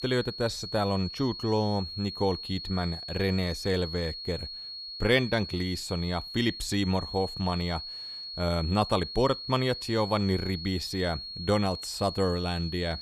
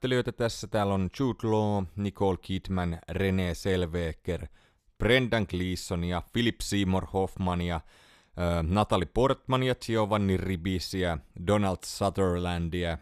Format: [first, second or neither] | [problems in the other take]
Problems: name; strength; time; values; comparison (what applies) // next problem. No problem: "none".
second | high-pitched whine; loud; throughout; 4.5 kHz, 8 dB below the speech